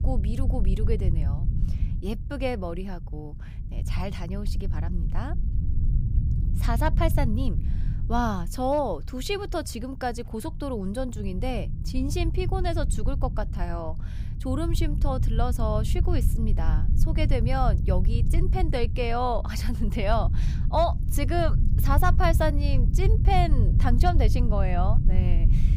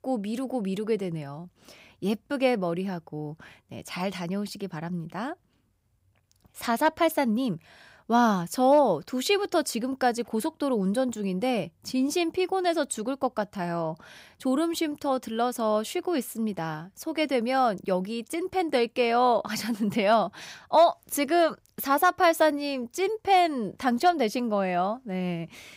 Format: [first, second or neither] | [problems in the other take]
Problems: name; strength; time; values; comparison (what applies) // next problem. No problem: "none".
second | low rumble; noticeable; throughout; 10 dB below the speech